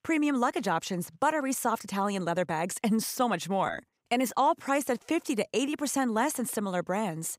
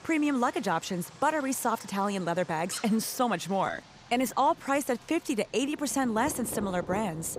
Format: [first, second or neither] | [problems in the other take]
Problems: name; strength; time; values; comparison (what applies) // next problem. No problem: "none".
first | rain or running water; noticeable; throughout; 15 dB below the speech